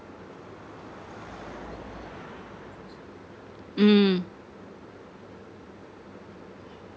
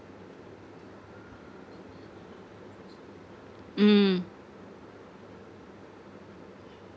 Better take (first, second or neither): second